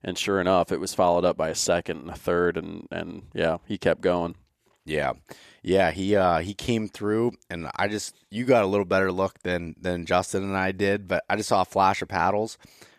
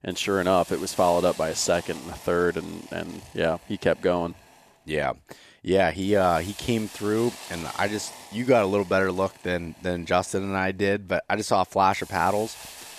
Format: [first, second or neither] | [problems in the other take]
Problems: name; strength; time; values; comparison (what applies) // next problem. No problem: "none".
first | hiss; noticeable; throughout; 15 dB below the speech